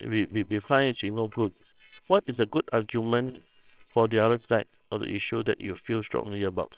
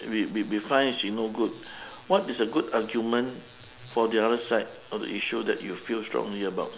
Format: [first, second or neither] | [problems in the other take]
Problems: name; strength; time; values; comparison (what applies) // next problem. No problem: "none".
second | noise reduction (neural separator model SepFormer WHAMR!)